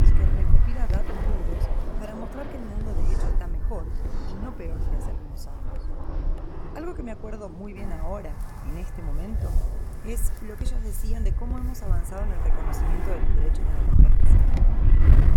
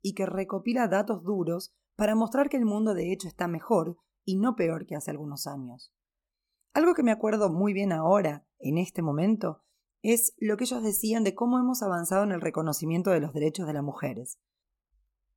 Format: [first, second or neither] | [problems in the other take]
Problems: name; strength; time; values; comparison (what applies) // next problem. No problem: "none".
second | wind noise on the microphone; heavy; 1 dB above the speech